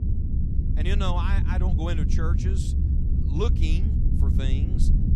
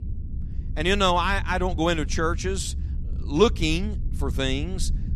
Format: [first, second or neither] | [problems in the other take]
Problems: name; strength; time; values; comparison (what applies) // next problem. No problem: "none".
second | low rumble; loud; throughout; 4 dB below the speech; faint in the second